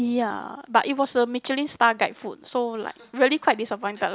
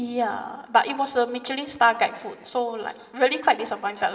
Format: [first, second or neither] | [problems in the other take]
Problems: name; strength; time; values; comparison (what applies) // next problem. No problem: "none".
first | room echo; dies away in 1.9 s